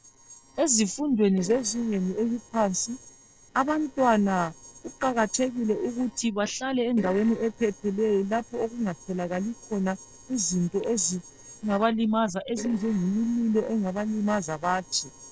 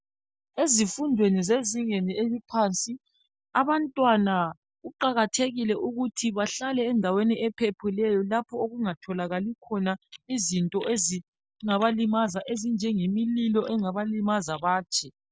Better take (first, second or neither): second